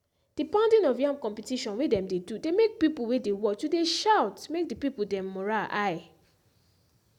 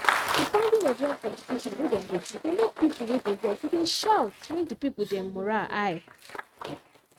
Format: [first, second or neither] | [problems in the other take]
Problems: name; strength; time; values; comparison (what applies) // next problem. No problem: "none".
first | noise reduction (neural mask model RNNoise)